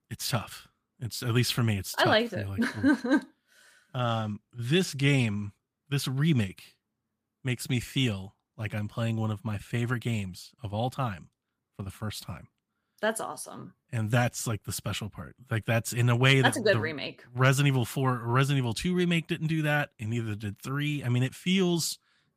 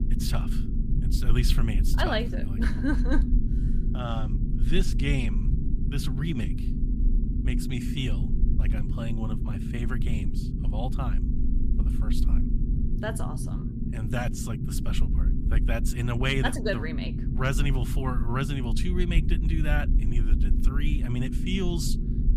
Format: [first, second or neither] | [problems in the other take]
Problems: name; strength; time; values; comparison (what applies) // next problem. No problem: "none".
first | low rumble; loud; throughout; 7 dB below the speech